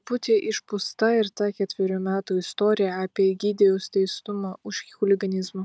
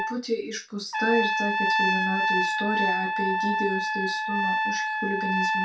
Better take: first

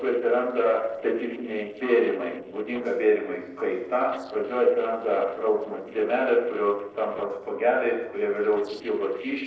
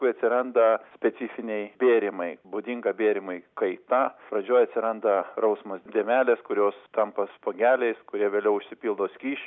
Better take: second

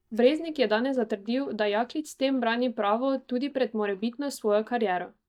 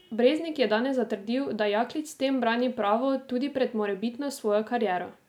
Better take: second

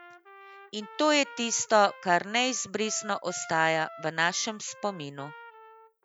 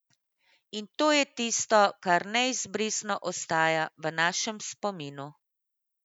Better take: second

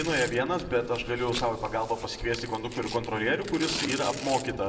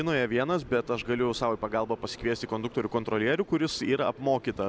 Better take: second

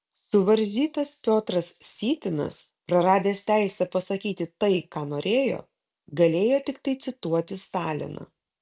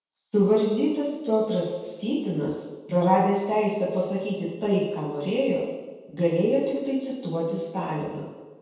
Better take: first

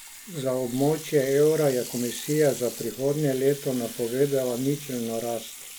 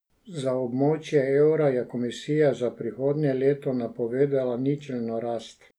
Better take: second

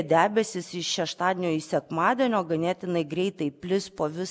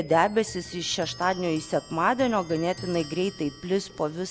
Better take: first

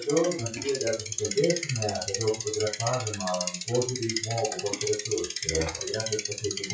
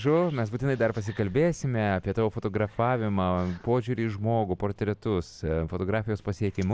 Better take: second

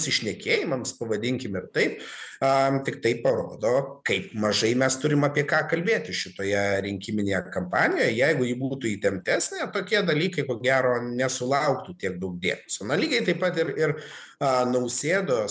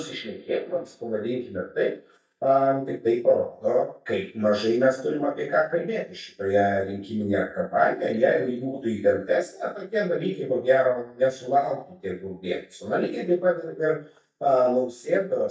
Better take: first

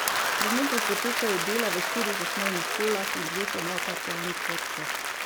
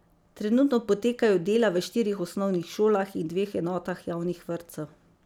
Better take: second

